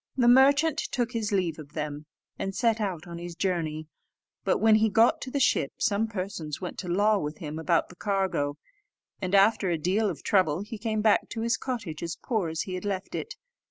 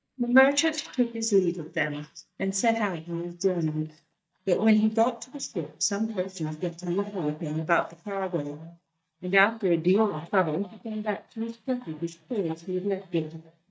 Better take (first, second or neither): first